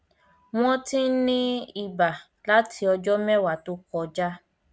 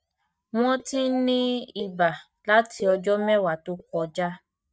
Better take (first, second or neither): first